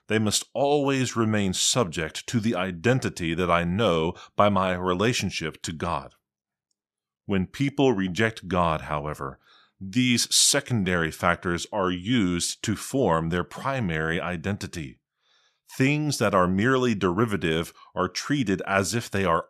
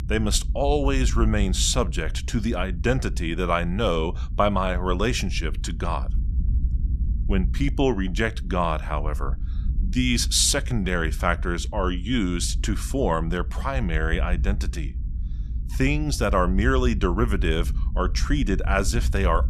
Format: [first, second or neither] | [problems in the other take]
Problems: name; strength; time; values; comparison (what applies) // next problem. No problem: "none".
first | low rumble; faint; throughout; 20 dB below the speech